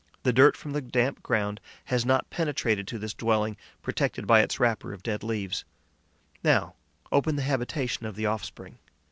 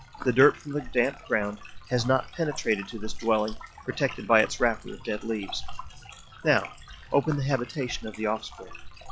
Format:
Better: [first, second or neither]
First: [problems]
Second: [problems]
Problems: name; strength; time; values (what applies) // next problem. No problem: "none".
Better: first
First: none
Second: noise reduction (classical method log-MMSE)